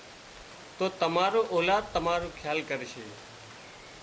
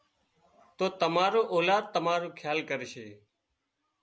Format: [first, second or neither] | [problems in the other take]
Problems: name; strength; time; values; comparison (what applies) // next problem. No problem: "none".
second | background sound (Rain); 16 dB below the speech